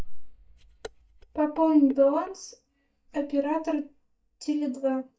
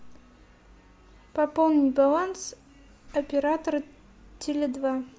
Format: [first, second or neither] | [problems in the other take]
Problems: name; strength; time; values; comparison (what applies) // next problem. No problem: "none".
second | noise reduction (neural mask model DeepFilterNet 3)